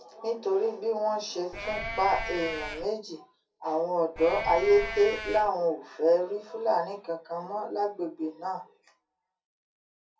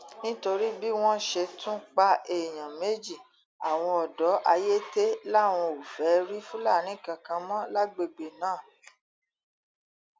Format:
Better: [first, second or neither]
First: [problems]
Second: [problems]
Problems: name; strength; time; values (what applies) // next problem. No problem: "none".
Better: second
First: background sound (Livestock, farm animals, working animals); 6 dB below the speech // room echo; dies away in 0.3 s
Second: none